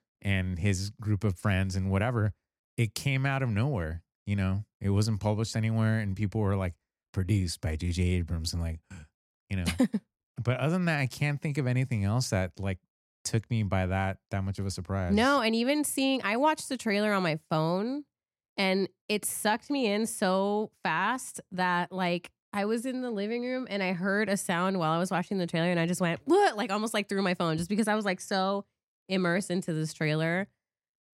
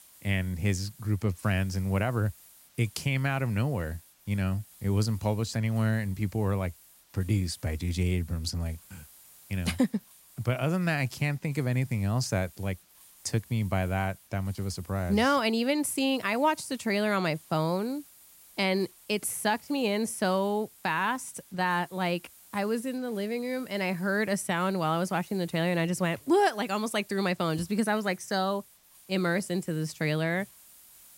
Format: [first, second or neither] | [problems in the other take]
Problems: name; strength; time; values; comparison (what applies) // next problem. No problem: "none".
first | hiss; faint; throughout; 25 dB below the speech